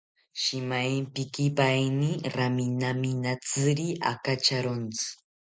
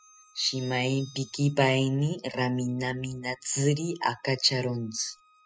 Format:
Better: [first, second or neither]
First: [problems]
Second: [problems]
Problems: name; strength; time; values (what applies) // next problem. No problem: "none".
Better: first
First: none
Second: noise reduction (classical method spectral subtraction)